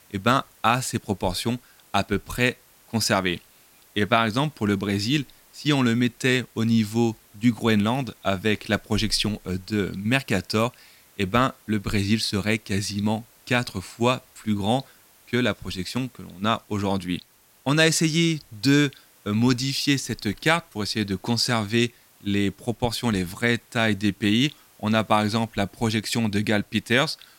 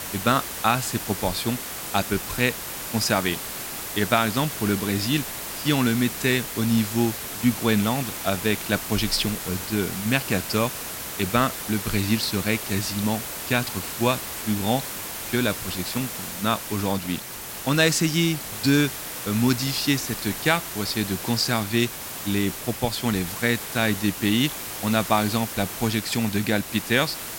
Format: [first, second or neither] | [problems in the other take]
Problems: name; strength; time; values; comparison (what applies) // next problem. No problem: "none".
first | hiss; loud; throughout; 6 dB below the speech; faint in the first